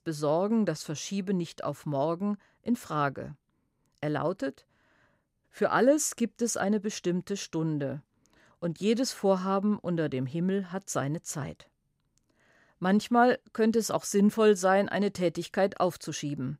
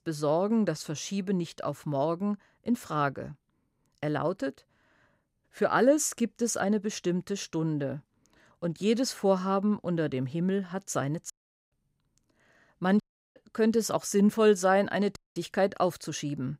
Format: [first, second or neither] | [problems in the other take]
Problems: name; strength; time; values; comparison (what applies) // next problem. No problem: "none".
first | audio cutting out; at 11 s, at 13 s and at 15 s